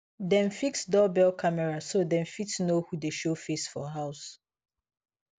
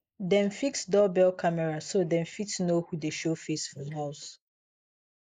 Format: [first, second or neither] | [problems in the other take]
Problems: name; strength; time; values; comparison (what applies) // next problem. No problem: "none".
first | noise reduction (neural mask model Resemble Enhance denoiser)